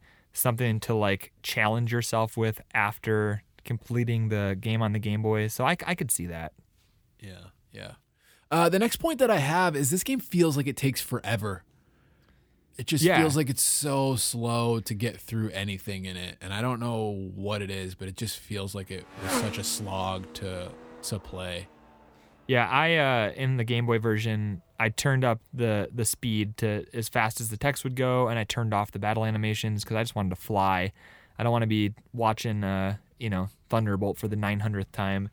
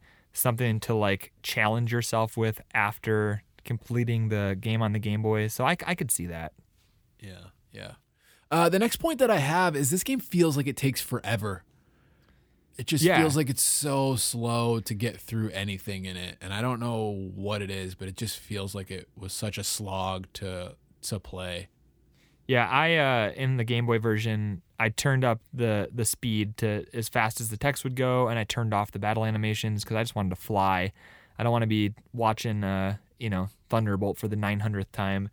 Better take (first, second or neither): second